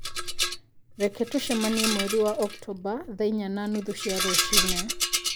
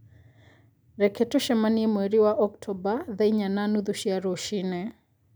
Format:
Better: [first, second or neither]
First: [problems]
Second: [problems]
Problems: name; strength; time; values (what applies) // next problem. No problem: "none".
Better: second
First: background sound (Rattle); as loud as the speech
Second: none